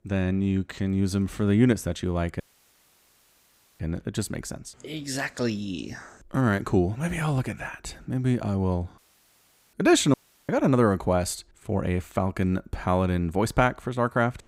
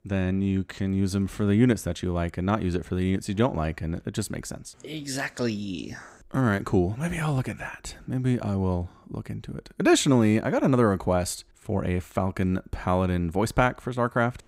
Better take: second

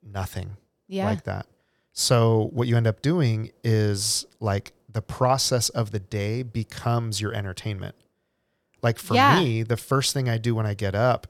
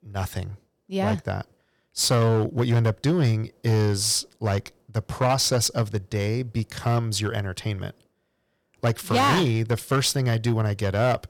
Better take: first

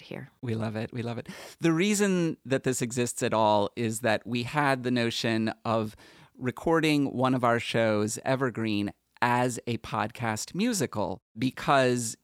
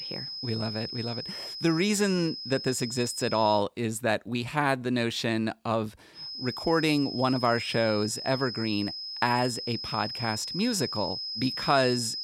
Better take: first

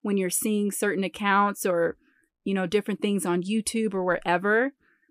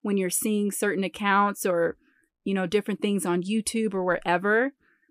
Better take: neither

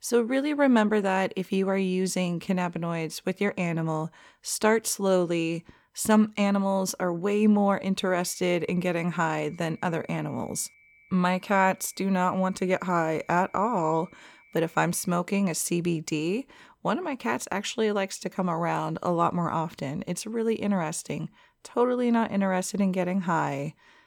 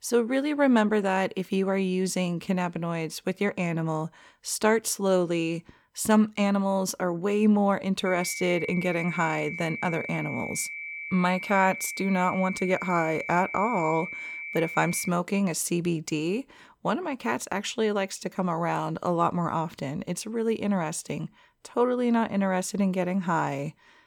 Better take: first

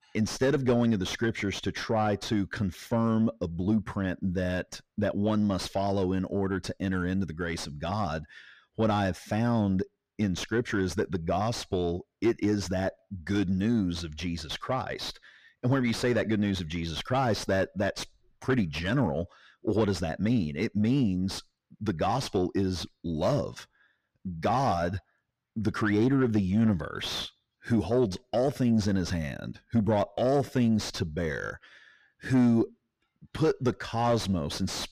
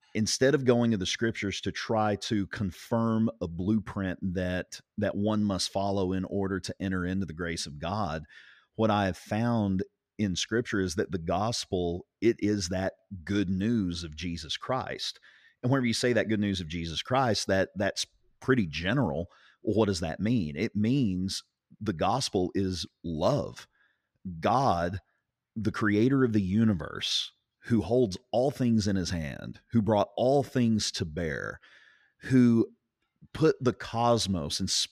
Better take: second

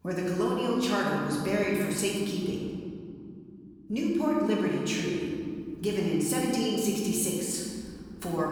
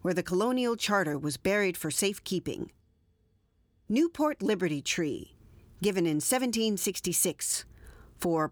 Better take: second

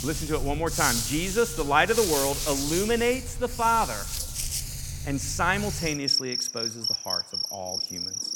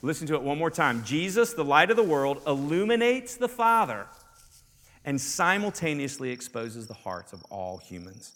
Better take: second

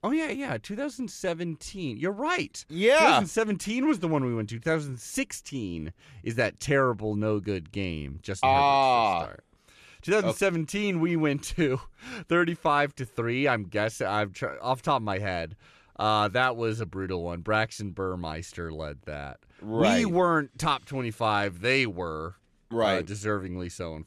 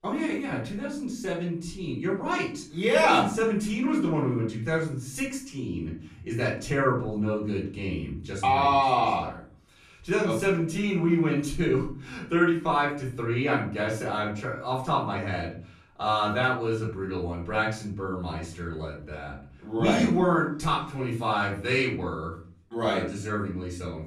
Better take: first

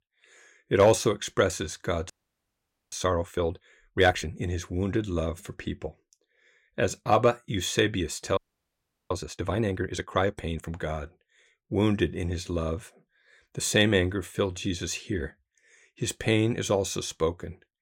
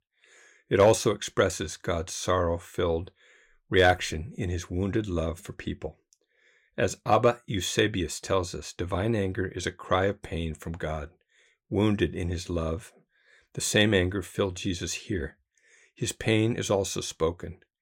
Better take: second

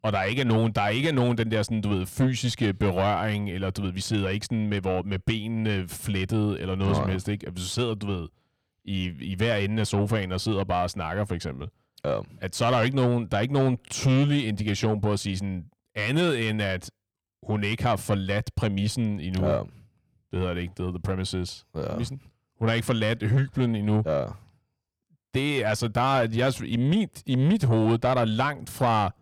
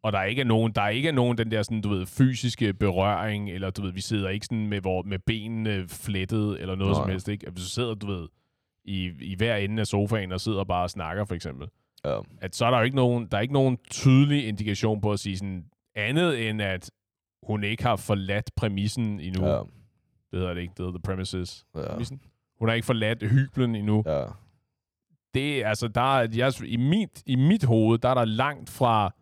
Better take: second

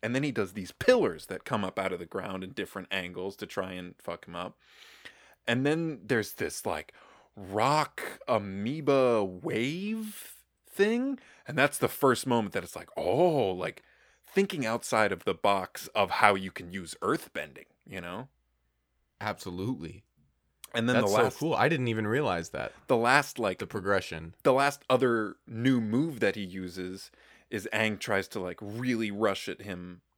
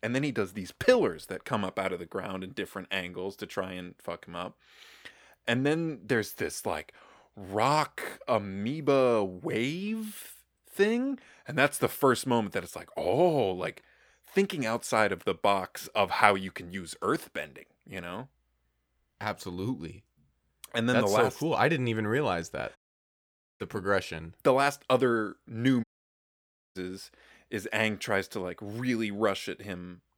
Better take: first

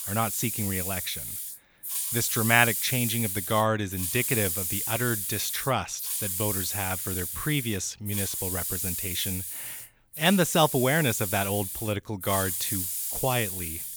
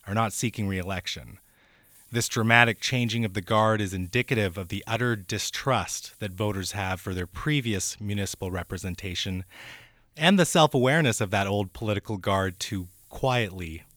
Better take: second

